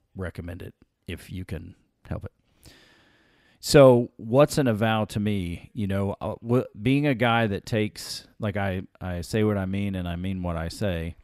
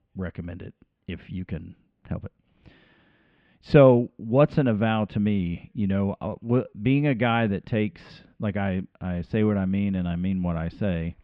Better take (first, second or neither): first